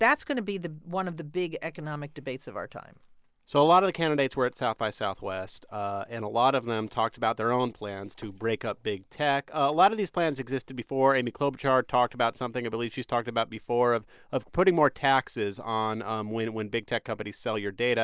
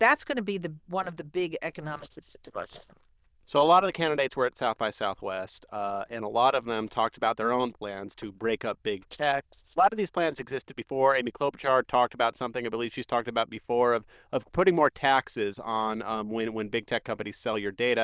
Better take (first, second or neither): first